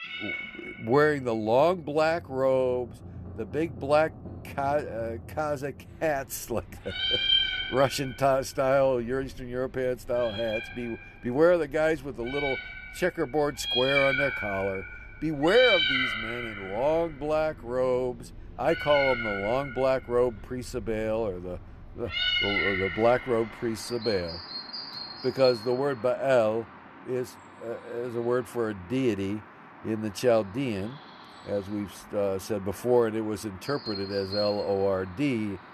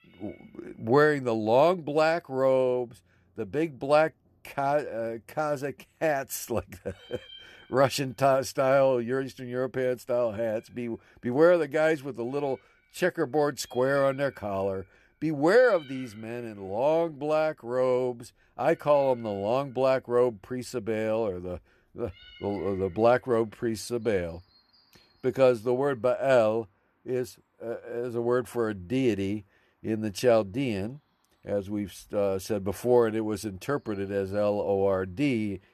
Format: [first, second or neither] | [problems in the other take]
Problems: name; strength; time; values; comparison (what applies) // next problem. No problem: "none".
second | animal sounds; loud; throughout; 3 dB below the speech; faint in the second